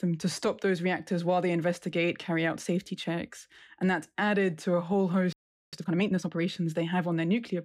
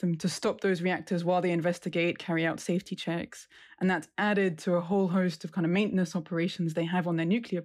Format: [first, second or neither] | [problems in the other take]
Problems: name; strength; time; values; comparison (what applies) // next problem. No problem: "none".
second | audio freezing; at 5.5 s